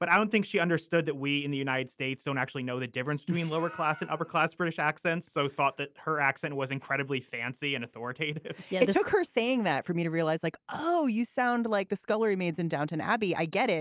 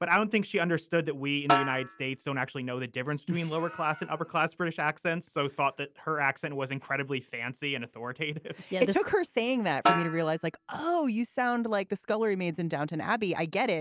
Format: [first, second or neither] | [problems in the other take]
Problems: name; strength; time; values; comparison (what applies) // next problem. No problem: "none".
first | background sound (Snare drum); 3 dB below the speech